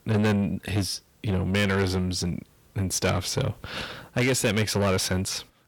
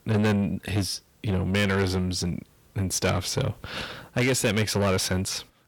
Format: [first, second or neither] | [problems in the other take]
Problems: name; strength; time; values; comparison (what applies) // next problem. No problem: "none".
neither | distortion; heavy; 7 dB below the speech; the same in both